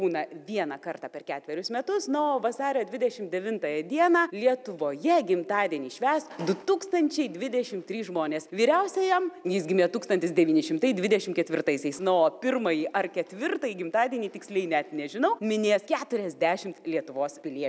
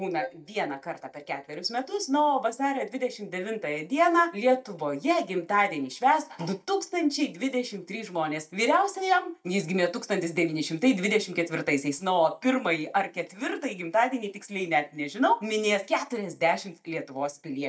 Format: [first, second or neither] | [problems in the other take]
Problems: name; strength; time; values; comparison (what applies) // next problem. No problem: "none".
first | noise reduction (neural mask model DeepFilterNet 3)